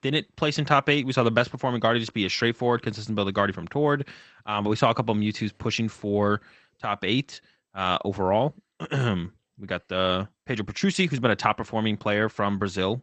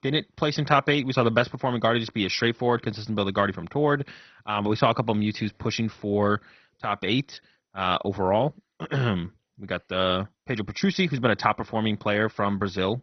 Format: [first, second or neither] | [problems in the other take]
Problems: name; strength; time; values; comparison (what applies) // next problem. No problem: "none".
first | garbled, watery; badly; nothing above 6 kHz; slightly in the first